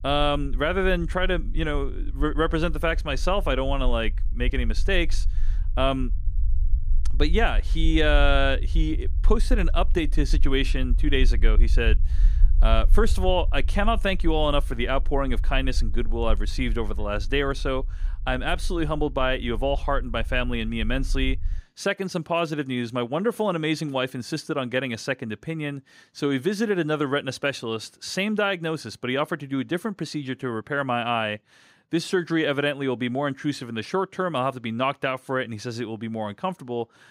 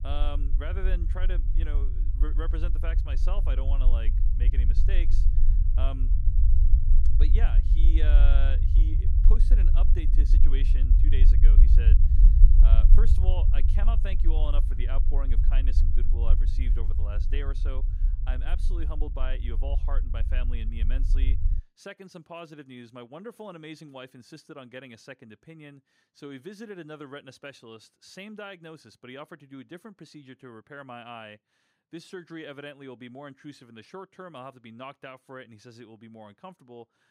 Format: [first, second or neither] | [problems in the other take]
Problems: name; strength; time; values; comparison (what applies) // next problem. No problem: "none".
first | low rumble; loud; until 22 s; 5 dB below the speech; faint in the first